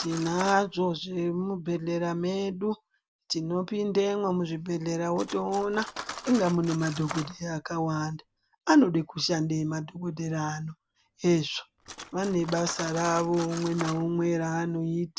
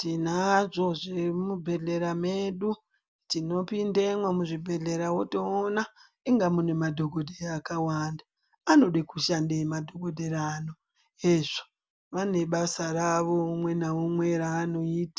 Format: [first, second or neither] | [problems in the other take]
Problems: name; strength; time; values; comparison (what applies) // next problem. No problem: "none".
second | background sound (Cutlery, silverware); 16 dB below the speech